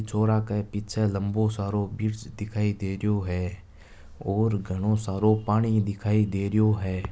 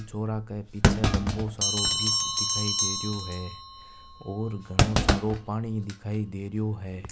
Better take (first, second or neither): first